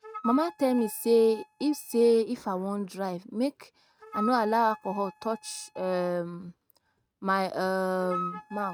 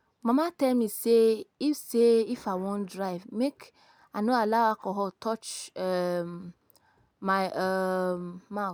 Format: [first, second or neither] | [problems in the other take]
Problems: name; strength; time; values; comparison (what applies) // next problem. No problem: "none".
second | noise reduction (neural mask model RNNoise)